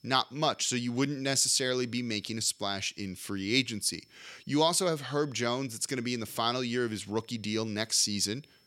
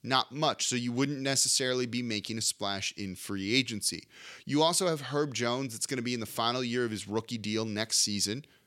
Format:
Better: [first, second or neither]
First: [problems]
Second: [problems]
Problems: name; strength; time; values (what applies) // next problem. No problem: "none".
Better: second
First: high-pitched whine; faint; throughout; 5.5 kHz, 35 dB below the speech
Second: none